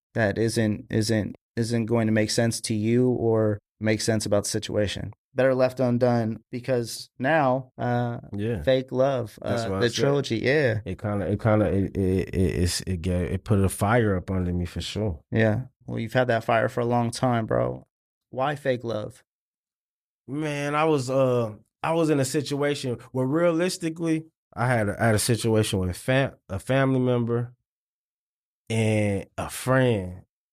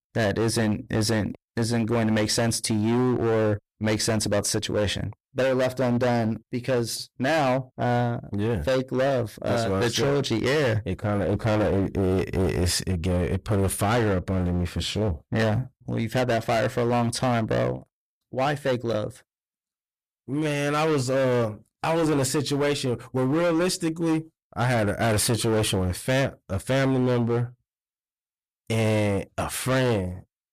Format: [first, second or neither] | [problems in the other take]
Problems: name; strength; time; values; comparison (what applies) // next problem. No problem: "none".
first | distortion; heavy; 19% of the sound clipped